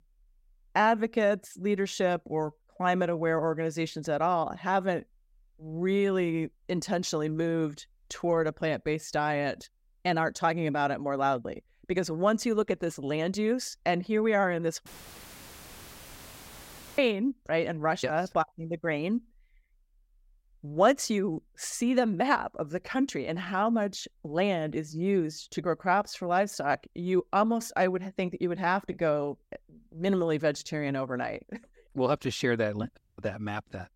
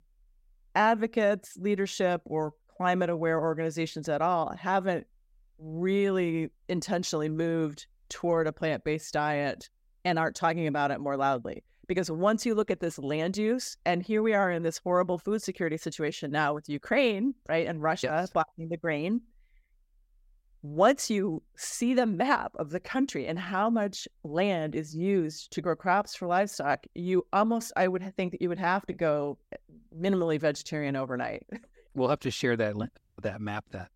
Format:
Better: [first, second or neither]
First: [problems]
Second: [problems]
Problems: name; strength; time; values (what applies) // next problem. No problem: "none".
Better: second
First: audio cutting out; filled with static; at 15 s for 2 s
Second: none